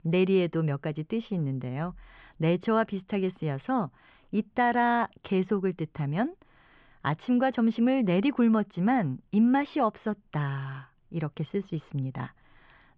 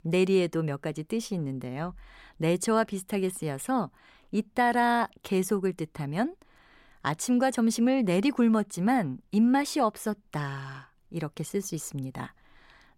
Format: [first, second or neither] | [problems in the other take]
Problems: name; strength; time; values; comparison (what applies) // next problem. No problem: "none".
second | muffled; very; fading above 3 kHz